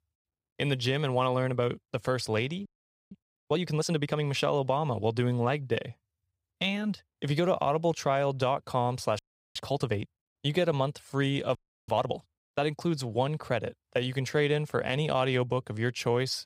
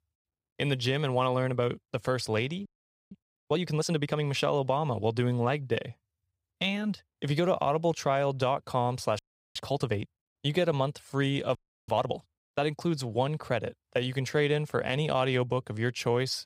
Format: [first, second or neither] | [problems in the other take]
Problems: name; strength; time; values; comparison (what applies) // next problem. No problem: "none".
neither | audio freezing; at 2.5 s, at 9 s and at 12 s; the same in both